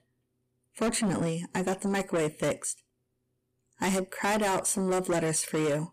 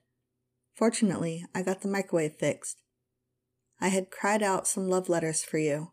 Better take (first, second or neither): second